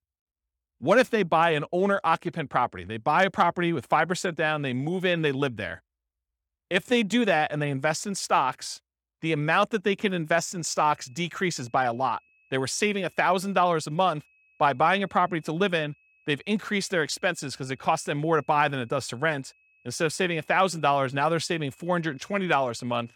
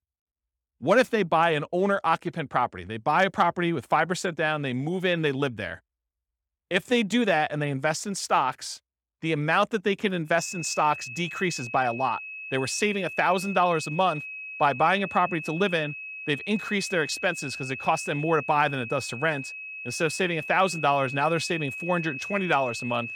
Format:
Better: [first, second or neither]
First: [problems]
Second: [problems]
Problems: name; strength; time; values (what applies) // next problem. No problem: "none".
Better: first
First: high-pitched whine; faint; from 10 s on; 2.5 kHz, 35 dB below the speech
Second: high-pitched whine; loud; from 10 s on; 2.5 kHz, 9 dB below the speech